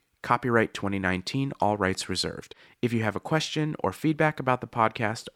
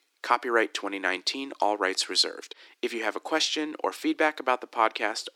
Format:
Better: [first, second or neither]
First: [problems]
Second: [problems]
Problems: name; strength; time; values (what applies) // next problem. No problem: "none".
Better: first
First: none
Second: thin; somewhat; fading below 300 Hz